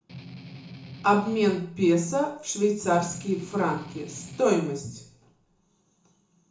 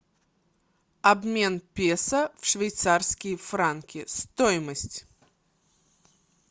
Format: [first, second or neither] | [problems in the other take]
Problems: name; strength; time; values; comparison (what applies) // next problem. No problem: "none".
second | background sound (Strum); 15 dB below the speech // room echo; dies away in 0.7 s